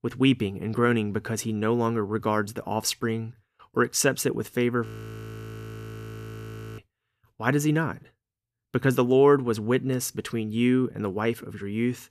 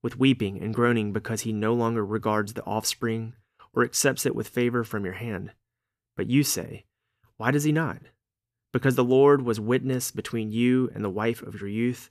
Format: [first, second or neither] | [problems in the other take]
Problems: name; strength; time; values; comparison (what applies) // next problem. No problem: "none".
second | audio freezing; at 5 s for 2 s